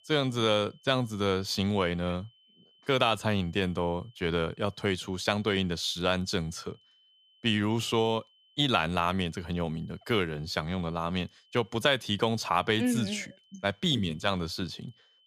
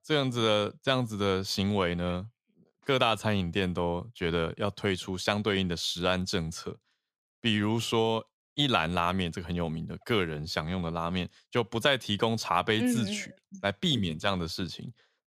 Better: second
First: high-pitched whine; faint; throughout; 3 kHz, 30 dB below the speech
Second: none

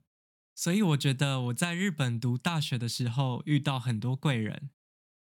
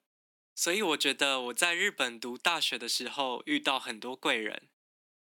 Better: first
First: none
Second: thin; very; fading below 300 Hz

